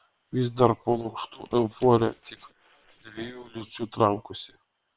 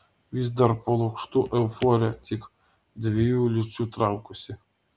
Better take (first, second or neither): second